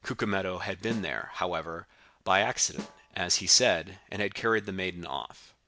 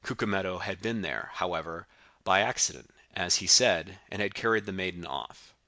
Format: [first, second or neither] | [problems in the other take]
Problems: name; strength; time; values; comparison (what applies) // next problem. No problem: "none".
second | background sound (Snare drum); 17 dB below the speech